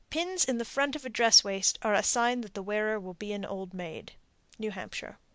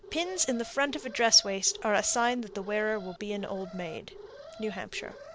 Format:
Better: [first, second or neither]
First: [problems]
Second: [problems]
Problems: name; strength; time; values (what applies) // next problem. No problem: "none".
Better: first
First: none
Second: background sound (Alarm); 17 dB below the speech